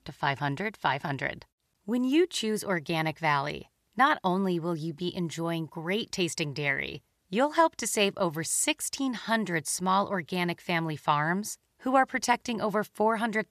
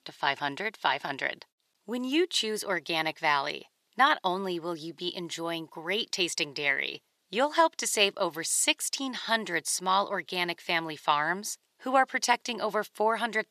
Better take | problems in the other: first | thin; somewhat; fading below 300 Hz

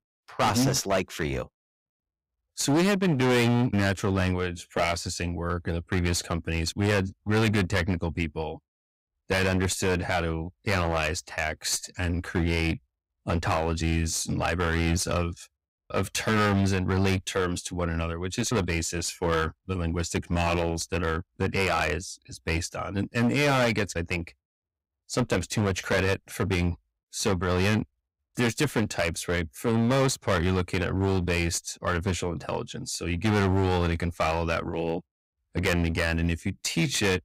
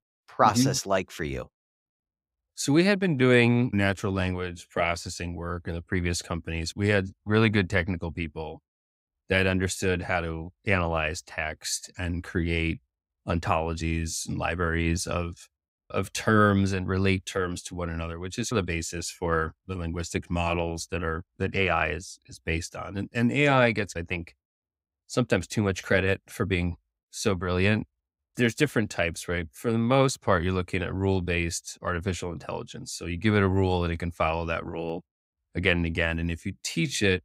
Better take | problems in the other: second | distortion; heavy; 12% of the sound clipped

